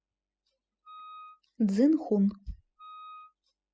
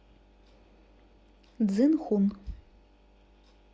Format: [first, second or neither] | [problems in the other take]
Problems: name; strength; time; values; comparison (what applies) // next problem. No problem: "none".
second | noise reduction (classical method spectral subtraction)